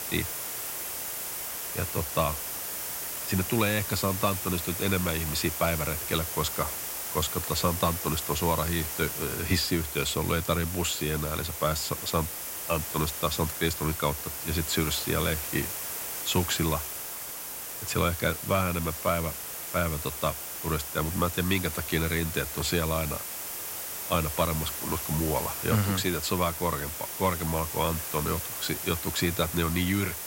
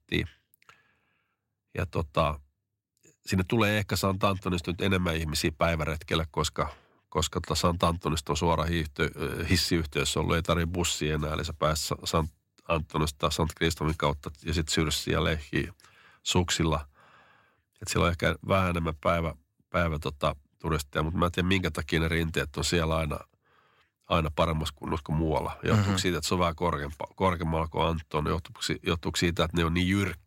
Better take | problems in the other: second | hiss; loud; throughout; 3 dB below the speech

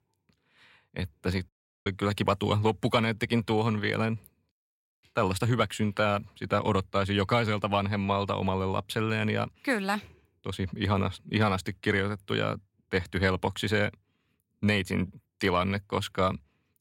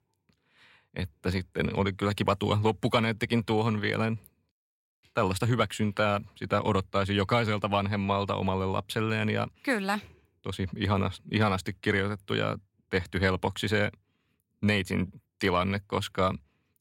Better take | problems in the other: second | audio cutting out; at 1.5 s

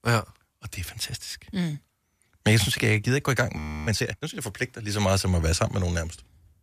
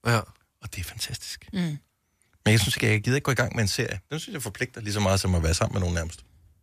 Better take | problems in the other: second | audio freezing; at 3.5 s

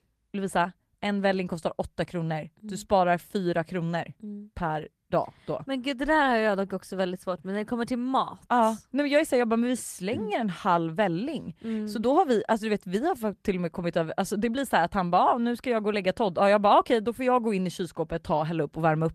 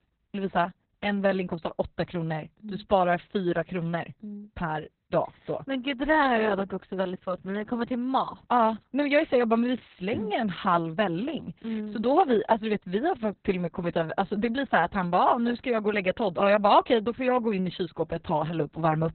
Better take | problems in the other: first | garbled, watery; badly; nothing above 4 kHz; slightly in the first

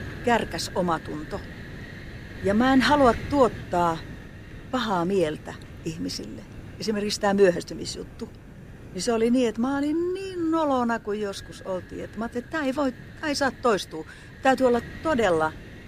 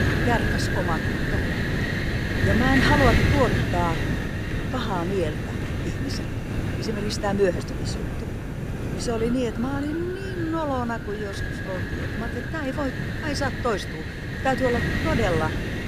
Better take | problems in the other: first | wind noise on the microphone; heavy; 2 dB below the speech; occasional gusts in the first

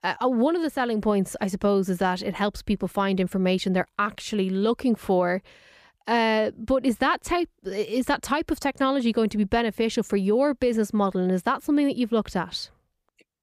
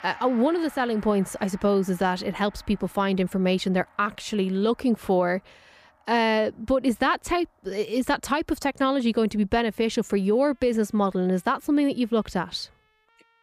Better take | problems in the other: first | background music; faint; throughout; 25 dB below the speech

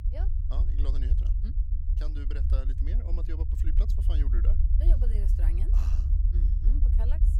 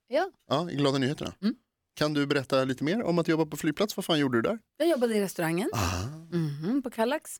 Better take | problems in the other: second | low rumble; loud; throughout; as loud as the speech

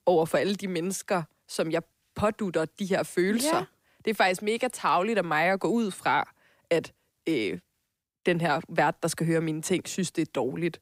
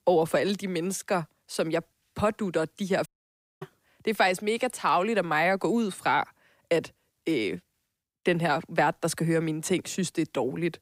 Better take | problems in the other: first | audio cutting out; at 3 s for 0.5 s

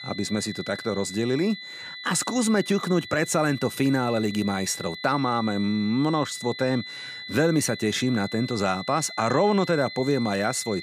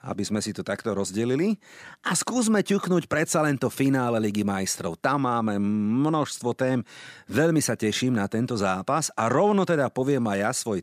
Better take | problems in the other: second | high-pitched whine; noticeable; throughout; 2 kHz, 10 dB below the speech

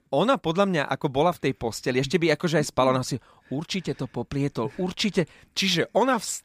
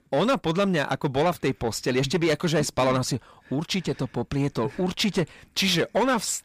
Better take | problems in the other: first | distortion; slight; 10 dB below the speech

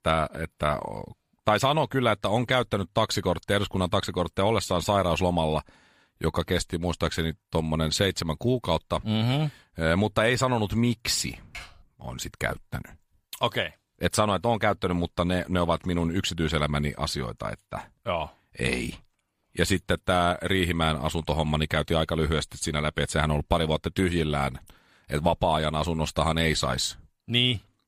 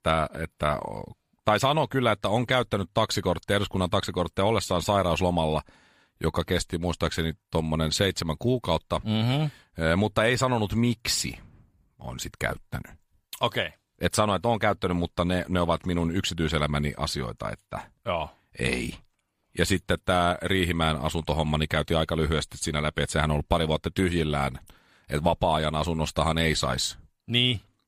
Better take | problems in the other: second | keyboard typing; faint; at 12 s; peak 15 dB below the speech

